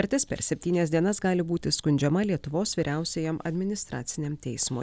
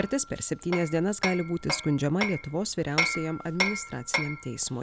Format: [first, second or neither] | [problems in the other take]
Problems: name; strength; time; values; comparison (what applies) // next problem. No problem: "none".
first | background sound (Hammer); 5 dB below the speech